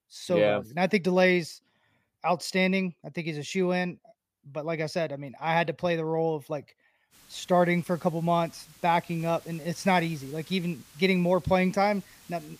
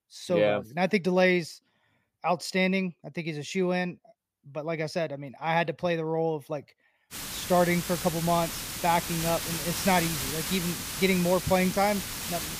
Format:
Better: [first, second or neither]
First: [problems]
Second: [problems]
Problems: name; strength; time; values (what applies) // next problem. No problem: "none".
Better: first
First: hiss; faint; from 7 s on; 25 dB below the speech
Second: hiss; loud; from 7 s on; 5 dB below the speech